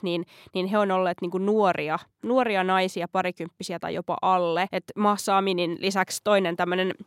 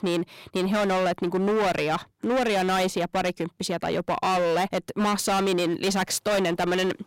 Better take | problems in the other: first | distortion; heavy; 23% of the sound clipped

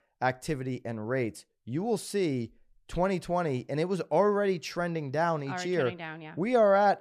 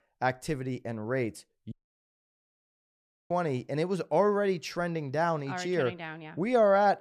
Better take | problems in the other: first | audio cutting out; at 1.5 s for 1.5 s

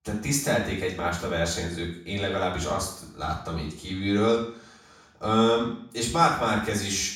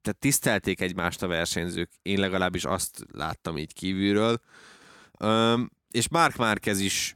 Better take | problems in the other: second | room echo; noticeable; dies away in 0.5 s // off-mic speech; far

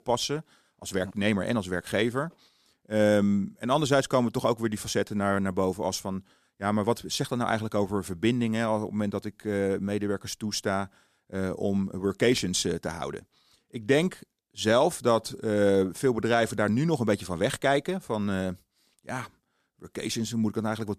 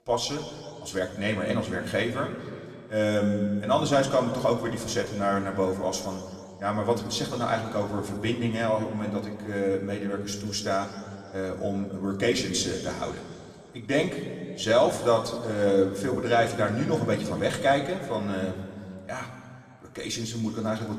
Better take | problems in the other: first | room echo; slight; dies away in 2.1 s // off-mic speech; somewhat distant

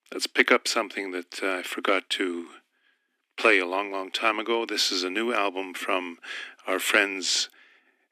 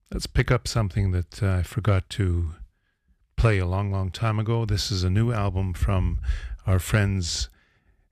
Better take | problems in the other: second | thin; very; fading below 250 Hz

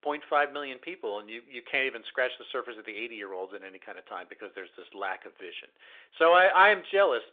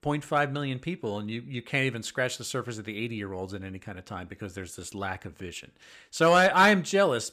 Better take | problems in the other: second | phone-call audio

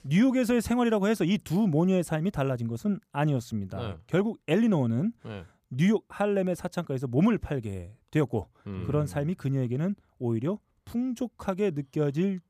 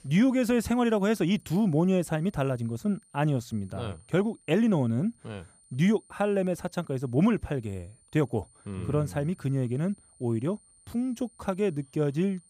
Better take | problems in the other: first | high-pitched whine; faint; throughout; 9 kHz, 30 dB below the speech

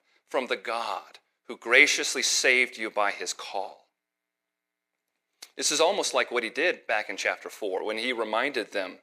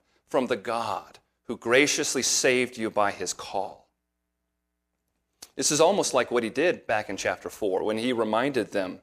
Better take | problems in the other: second | thin; very slightly; fading below 350 Hz

